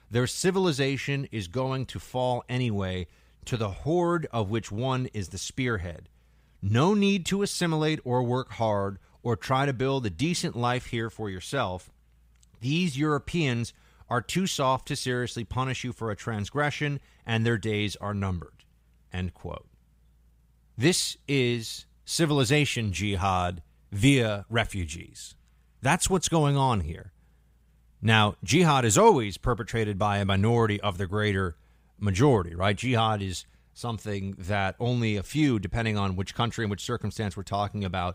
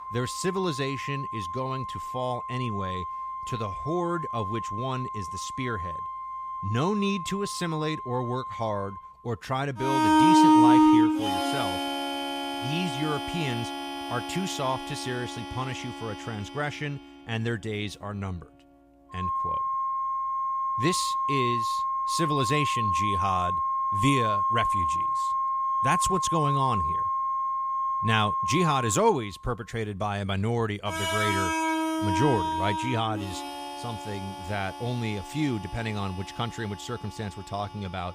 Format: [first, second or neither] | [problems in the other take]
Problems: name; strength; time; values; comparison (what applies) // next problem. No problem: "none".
first | background music; very loud; throughout; 3 dB above the speech